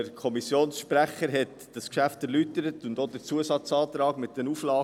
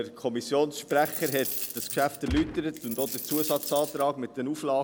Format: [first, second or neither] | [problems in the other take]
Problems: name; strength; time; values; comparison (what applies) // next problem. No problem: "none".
first | background sound (Coin (dropping) + Gunshot, gunfire); 7 dB below the speech